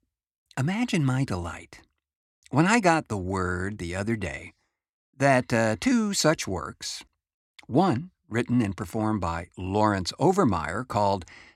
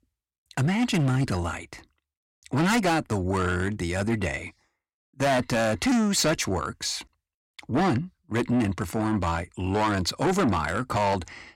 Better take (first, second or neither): first